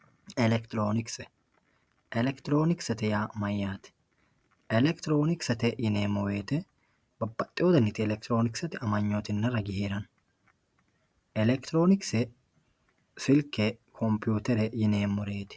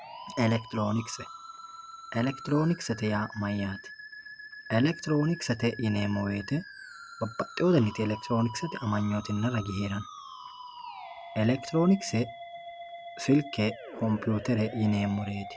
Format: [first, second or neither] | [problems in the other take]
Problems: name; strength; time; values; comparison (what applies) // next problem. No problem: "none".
first | background sound (Musical instrument); 14 dB below the speech